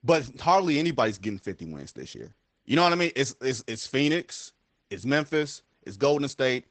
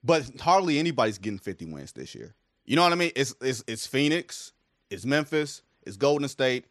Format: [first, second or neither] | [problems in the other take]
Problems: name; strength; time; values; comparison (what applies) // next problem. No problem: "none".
second | garbled, watery; badly; nothing above 8 kHz